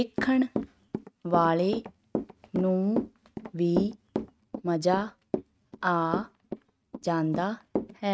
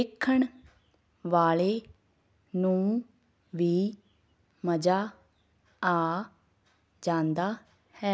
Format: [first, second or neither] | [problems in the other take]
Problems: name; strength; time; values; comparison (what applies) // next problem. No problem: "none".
second | noise reduction (neural mask model RNNoise)